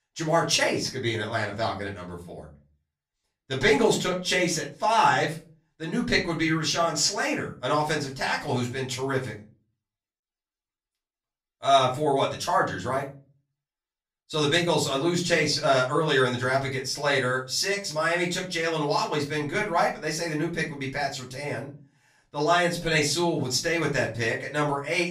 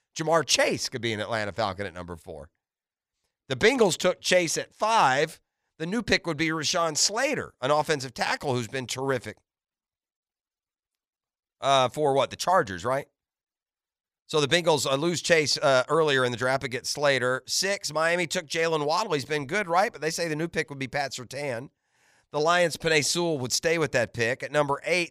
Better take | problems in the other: second | off-mic speech; far // room echo; very slight; dies away in 0.3 s

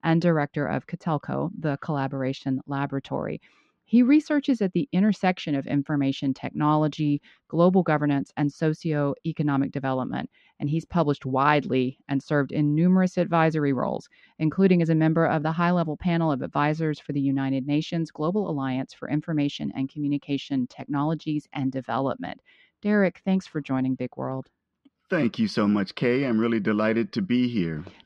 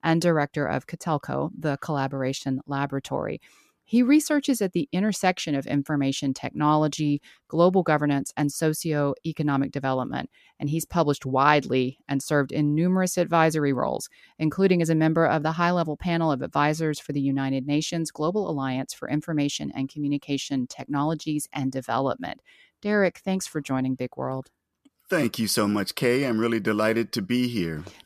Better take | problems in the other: second | muffled; slightly; fading above 4 kHz

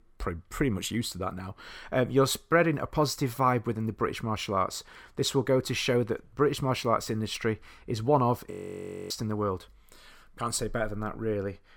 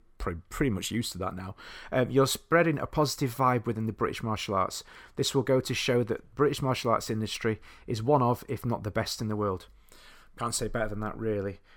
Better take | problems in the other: second | audio freezing; at 8.5 s for 0.5 s

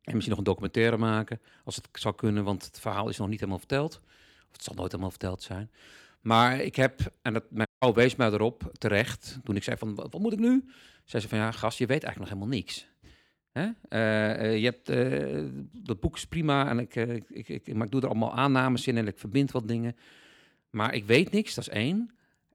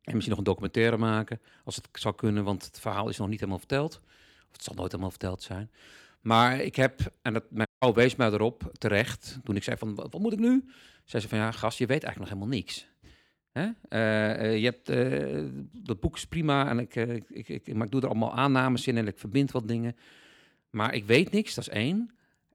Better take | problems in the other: neither | audio cutting out; at 7.5 s; the same in both

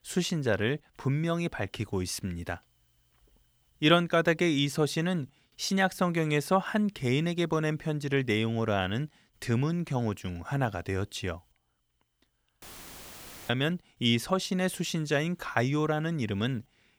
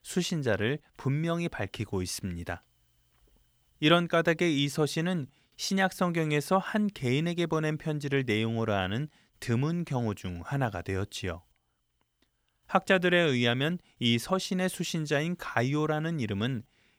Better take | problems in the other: second | audio cutting out; filled with static; at 13 s for 1 s

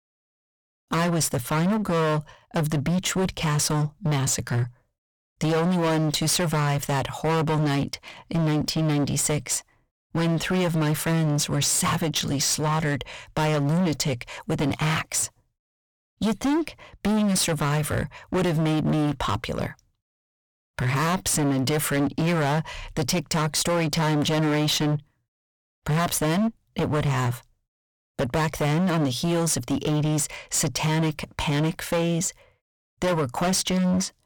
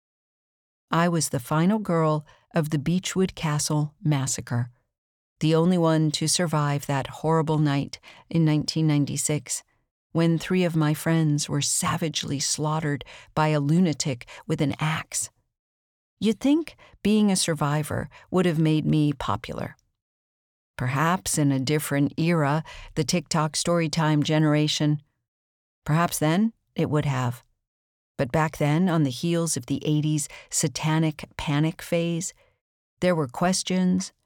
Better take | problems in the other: second | distortion; heavy; 23% of the sound clipped

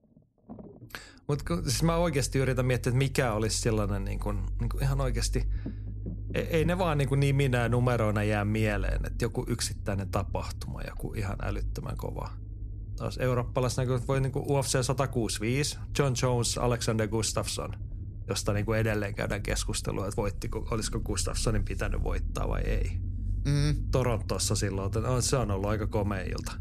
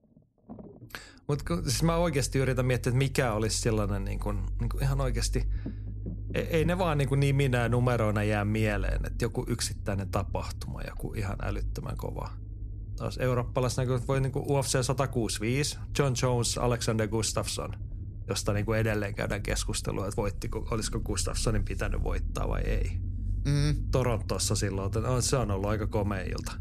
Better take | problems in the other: neither | low rumble; faint; throughout; 20 dB below the speech; the same in both

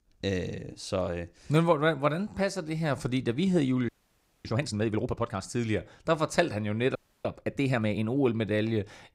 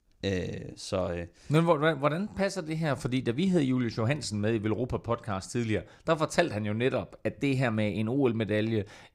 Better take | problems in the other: second | audio freezing; at 4 s for 0.5 s and at 7 s

